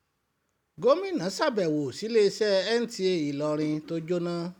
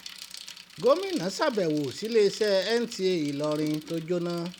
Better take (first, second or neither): first